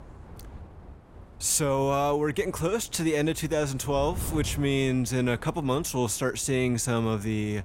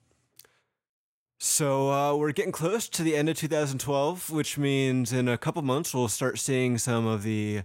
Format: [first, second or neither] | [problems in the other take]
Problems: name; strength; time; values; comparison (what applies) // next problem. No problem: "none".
second | wind noise on the microphone; occasional gusts; 20 dB below the speech